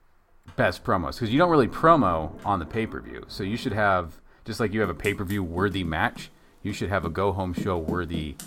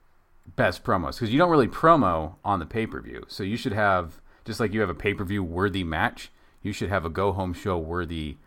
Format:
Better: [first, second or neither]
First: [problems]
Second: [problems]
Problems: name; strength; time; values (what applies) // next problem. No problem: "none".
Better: second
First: household noises; noticeable; throughout; 15 dB below the speech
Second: none